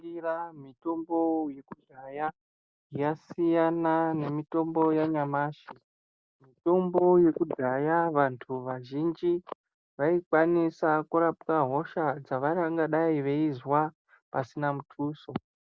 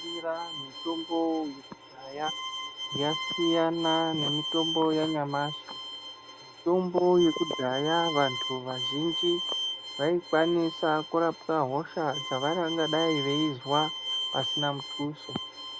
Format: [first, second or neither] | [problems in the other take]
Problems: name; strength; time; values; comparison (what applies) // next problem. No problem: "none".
first | background sound (Bowed string instrument); 7 dB below the speech